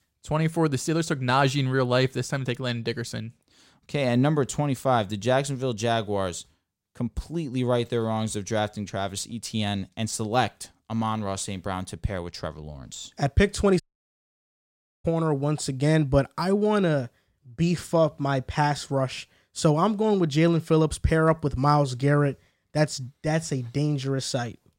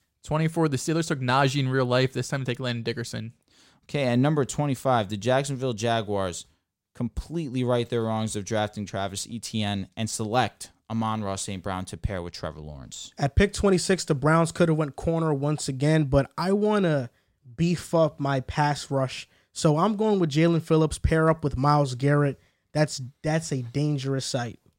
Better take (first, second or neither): second